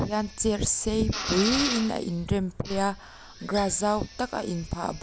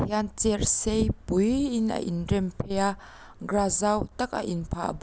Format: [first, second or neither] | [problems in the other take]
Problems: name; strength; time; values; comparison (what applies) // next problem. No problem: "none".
second | background sound (Drill); 10 dB below the speech